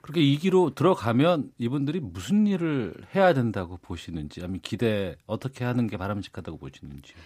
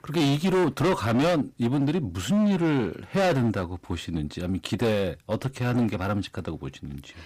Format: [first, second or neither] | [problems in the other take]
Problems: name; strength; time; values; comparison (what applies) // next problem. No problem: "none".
first | distortion; heavy; 15% of the sound clipped